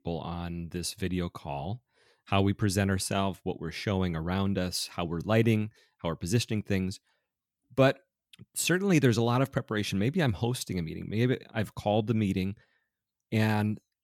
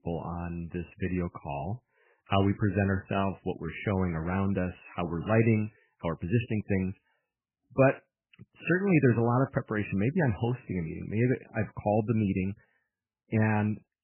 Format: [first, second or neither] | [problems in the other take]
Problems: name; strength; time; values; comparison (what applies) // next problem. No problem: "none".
first | garbled, watery; badly; nothing above 3 kHz